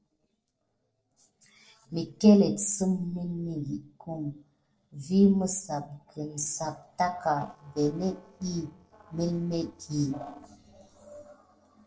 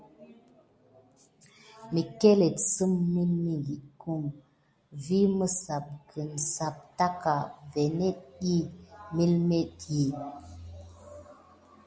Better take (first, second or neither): second